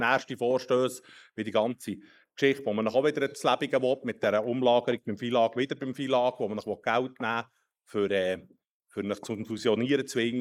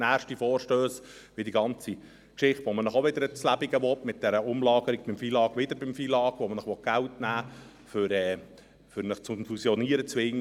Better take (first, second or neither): second